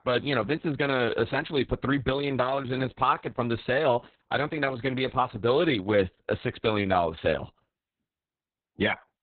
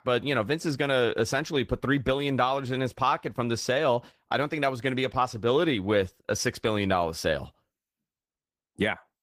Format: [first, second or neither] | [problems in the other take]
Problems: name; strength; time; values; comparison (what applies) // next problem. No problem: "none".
second | garbled, watery; badly; nothing above 4 kHz; slightly in the second